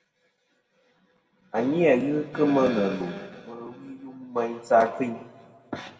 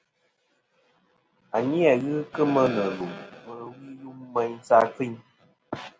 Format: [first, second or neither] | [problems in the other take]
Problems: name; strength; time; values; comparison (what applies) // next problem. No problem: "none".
second | room echo; dies away in 1.3 s